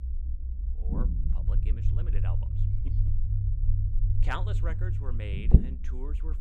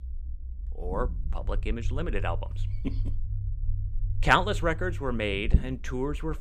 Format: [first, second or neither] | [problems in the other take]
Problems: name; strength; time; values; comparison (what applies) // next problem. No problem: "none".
second | low rumble; loud; throughout; 1 dB below the speech; faint in the second